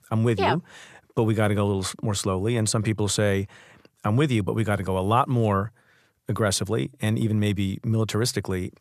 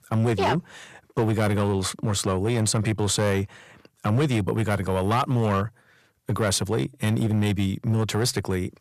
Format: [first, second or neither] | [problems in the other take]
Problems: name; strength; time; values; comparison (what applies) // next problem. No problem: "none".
first | distortion; slight; 8% of the sound clipped